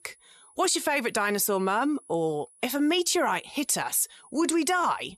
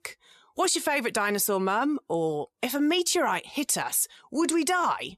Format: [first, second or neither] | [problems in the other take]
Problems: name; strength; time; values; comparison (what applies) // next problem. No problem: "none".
second | high-pitched whine; faint; throughout; 10.5 kHz, 30 dB below the speech